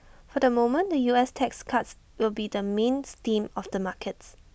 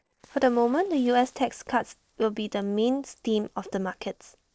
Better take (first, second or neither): first